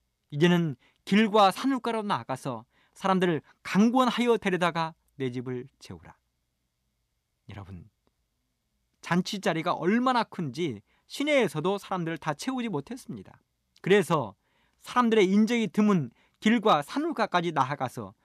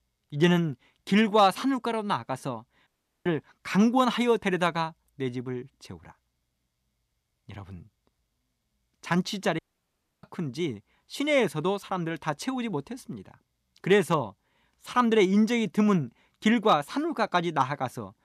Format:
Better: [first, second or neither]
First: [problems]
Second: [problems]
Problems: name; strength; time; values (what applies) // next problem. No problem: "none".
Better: first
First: none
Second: audio cutting out; at 3 s and at 9.5 s for 0.5 s